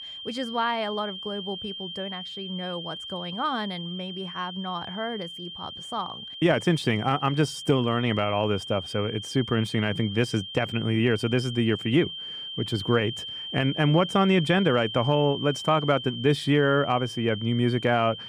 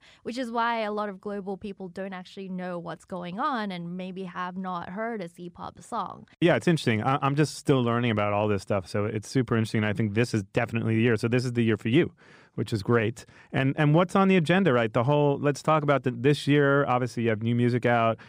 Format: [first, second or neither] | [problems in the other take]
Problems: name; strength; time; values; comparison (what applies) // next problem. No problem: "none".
second | high-pitched whine; loud; throughout; 3 kHz, 9 dB below the speech